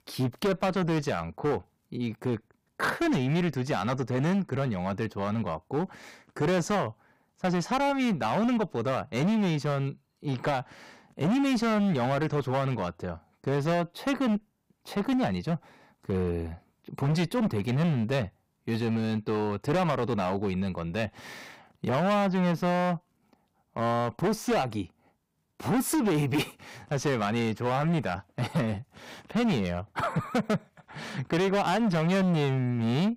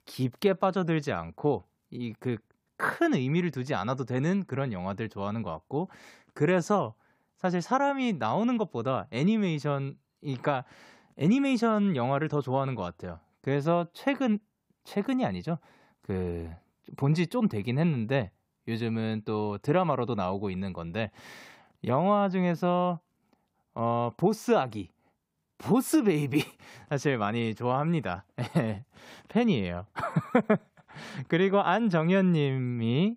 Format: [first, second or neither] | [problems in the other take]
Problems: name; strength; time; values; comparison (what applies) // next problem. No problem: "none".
second | distortion; heavy; 15% of the sound clipped